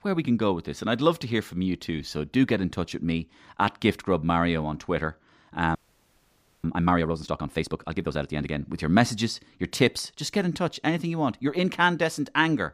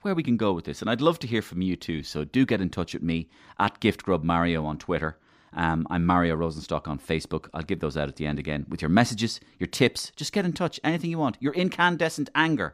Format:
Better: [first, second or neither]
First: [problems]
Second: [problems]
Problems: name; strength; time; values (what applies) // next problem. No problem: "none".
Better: second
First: audio freezing; at 6 s for 1 s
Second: none